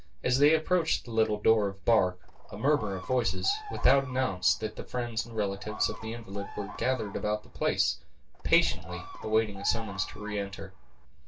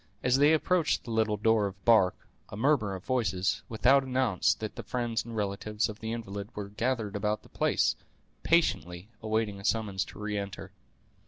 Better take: second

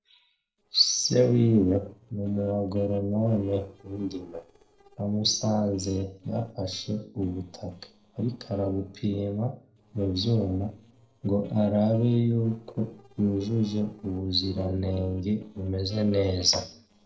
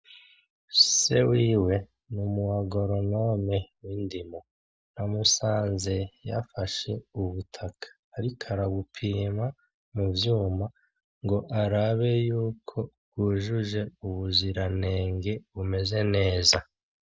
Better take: second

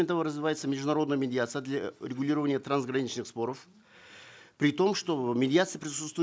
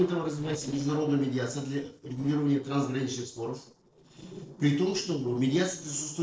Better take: first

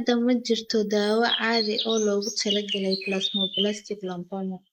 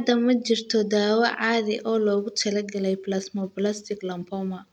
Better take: second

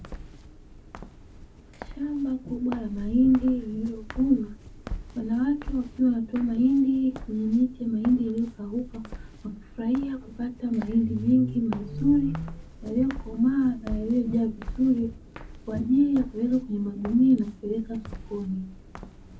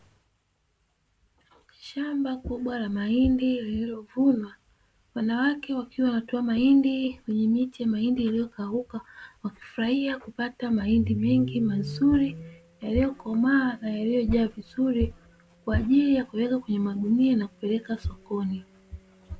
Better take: second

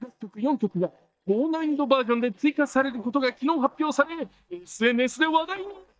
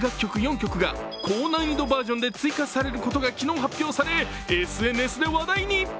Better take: second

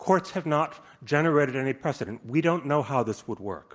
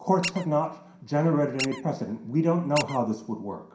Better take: first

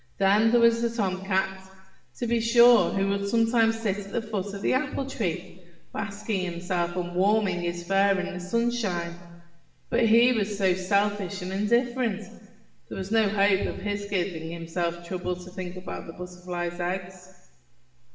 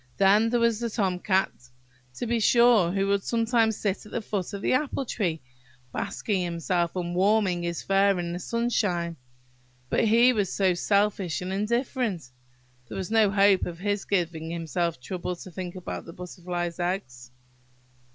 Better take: second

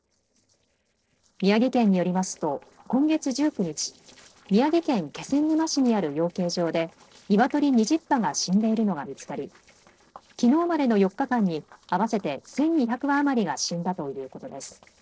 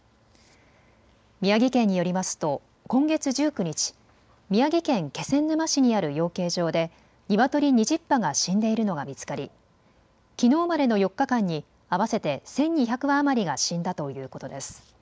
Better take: second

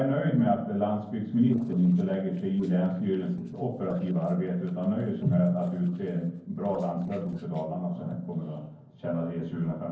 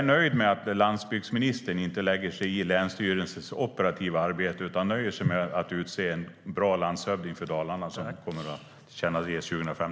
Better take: second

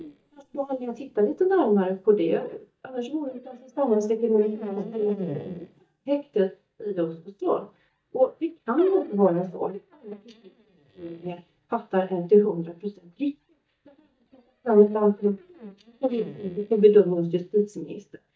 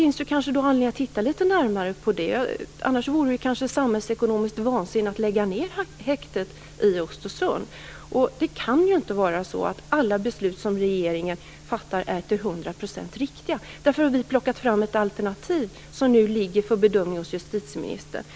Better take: second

